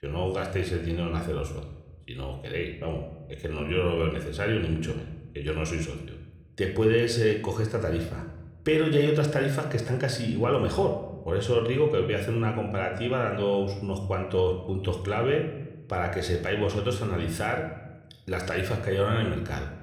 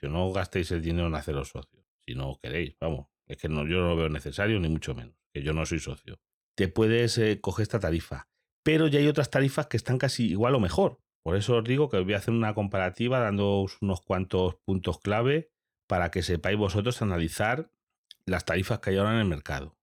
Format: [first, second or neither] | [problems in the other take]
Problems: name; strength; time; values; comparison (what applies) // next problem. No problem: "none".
second | room echo; slight; dies away in 0.7 s